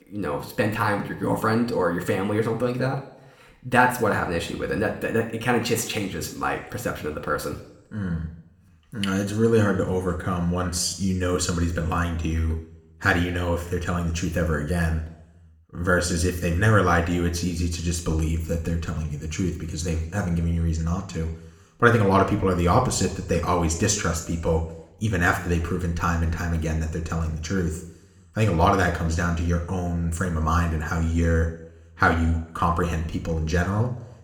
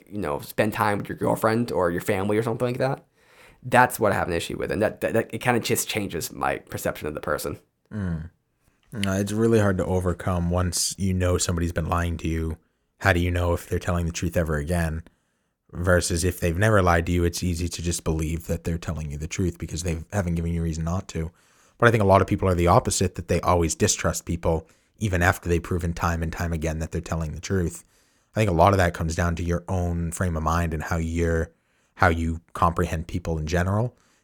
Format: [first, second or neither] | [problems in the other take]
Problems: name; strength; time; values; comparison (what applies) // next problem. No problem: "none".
second | room echo; slight; dies away in 0.7 s